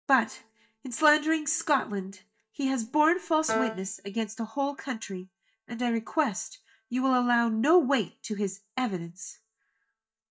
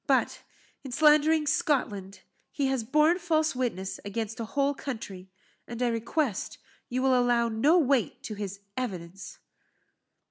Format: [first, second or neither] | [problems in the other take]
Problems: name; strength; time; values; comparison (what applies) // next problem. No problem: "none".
second | noise reduction (neural mask model DeepFilterNet 3)